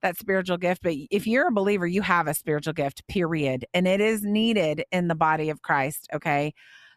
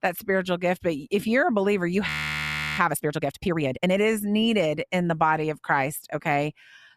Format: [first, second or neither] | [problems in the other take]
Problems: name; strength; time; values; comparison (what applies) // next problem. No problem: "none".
first | audio freezing; at 2 s for 0.5 s